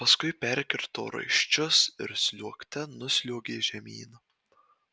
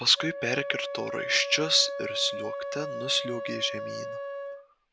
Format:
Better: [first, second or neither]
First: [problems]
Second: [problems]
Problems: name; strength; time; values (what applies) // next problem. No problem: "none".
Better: first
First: none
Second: background sound (Wind instrument, woodwind instrument); 6 dB below the speech